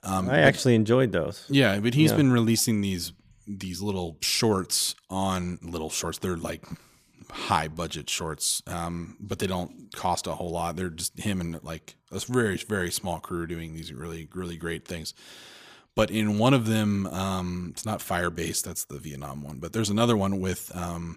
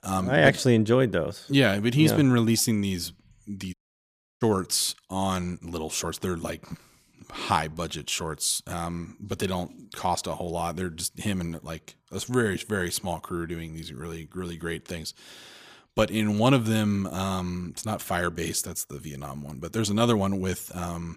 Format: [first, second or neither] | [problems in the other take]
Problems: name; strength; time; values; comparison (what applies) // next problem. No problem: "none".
first | audio cutting out; at 3.5 s for 0.5 s